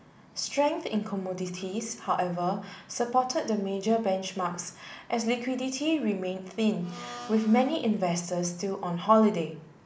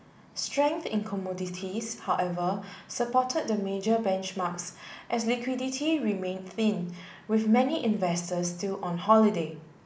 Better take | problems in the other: second | background sound (Domestic sounds, home sounds); 13 dB below the speech

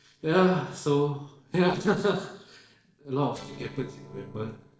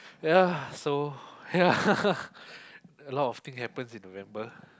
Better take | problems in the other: second | noise reduction (neural separator model SepFormer DNS4)

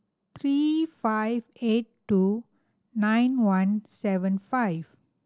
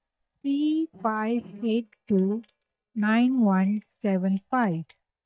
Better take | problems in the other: first | noise reduction (neural mask model DeepFilterNet 3)

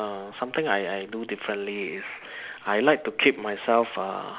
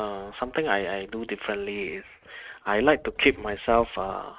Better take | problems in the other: first | noise reduction (neural mask model RNNoise)

